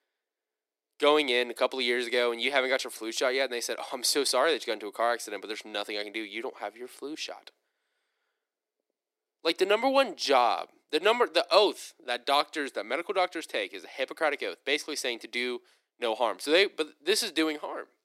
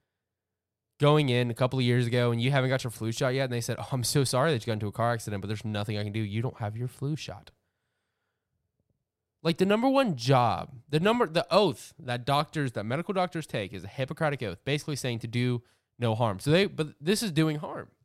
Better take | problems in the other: second | thin; very; fading below 300 Hz

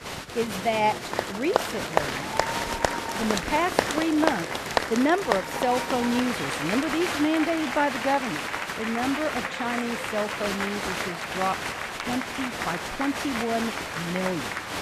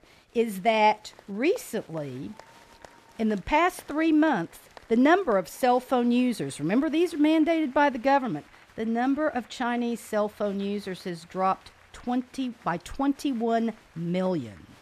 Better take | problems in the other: second | crowd noise; loud; throughout; 1 dB below the speech; faint in the second

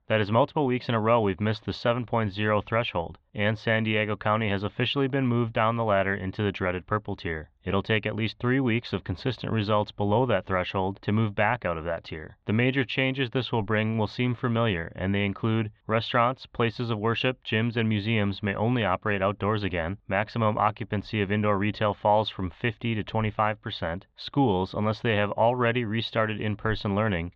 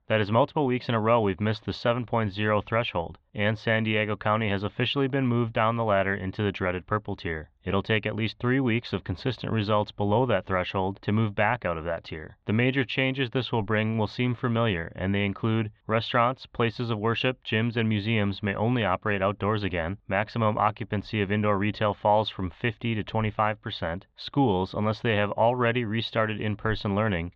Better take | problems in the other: neither | muffled; slightly; fading above 4 kHz; the same in both

